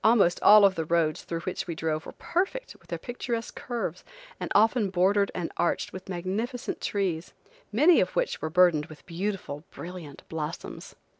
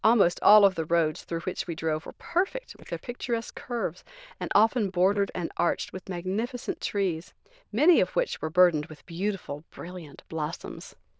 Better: first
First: none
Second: noise reduction (neural diffusion model UNIVERSE++)

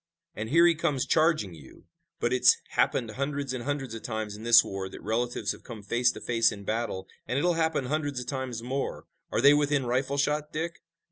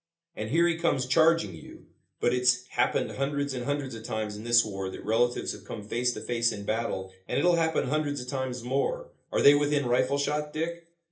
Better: first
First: none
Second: room echo; dies away in 0.3 s

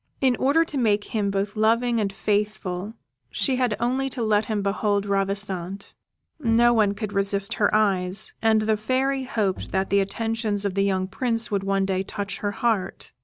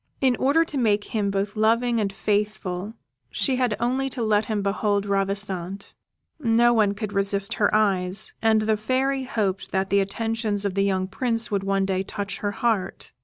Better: second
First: background sound (Bowed string instrument); 17 dB below the speech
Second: none

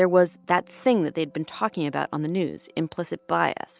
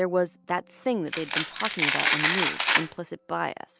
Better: first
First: none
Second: background sound (Domestic sounds, home sounds); 4 dB above the speech

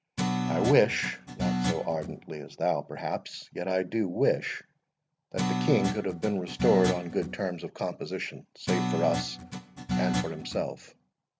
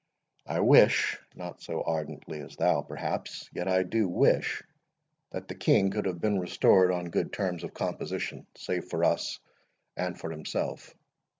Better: second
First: background sound (Guitar); 2 dB below the speech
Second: none

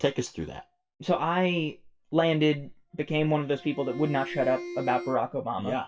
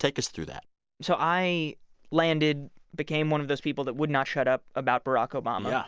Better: second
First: noise reduction (classical method WPE with log-MMSE)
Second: none

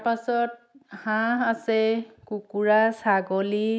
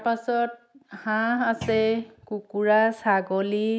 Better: first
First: none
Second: background sound (Thump, thud); 14 dB below the speech

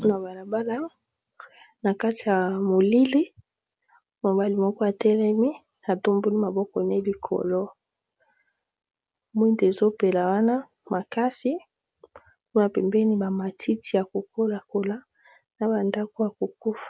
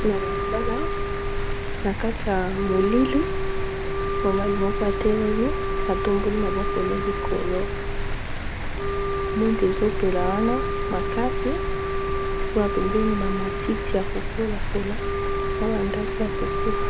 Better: first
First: none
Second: background sound (Wind instrument, woodwind instrument + Rain); 2 dB above the speech

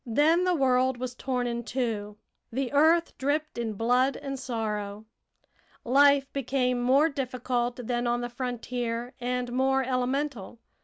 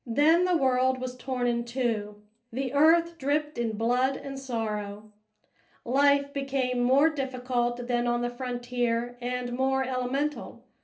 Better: first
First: none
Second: room echo; dies away in 0.3 s

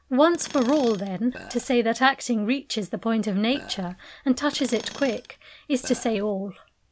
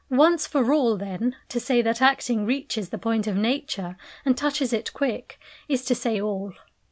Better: second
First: background sound (Tools + Burping, eructation); 17 dB below the speech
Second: none

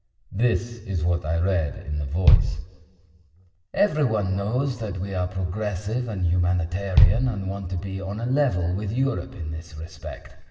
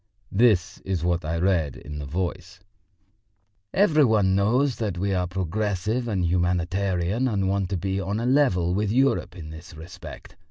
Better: second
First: background sound (Bass drum); 1 dB above the speech // room echo; dies away in 1.8 s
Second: none

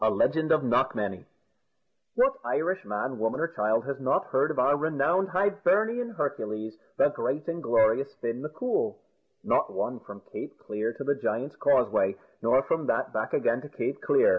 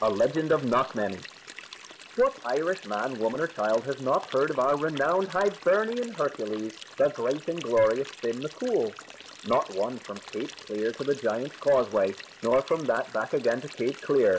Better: first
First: none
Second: background sound (Stream); 18 dB below the speech

